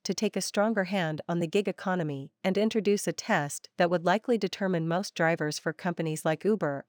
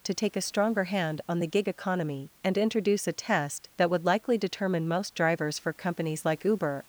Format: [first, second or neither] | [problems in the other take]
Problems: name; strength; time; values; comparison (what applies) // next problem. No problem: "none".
first | hiss; faint; throughout; 30 dB below the speech